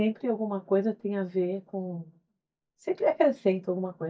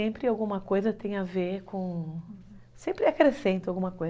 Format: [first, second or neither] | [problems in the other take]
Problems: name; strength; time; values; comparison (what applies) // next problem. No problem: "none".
second | noise reduction (neural mask model DeepFilterNet 3)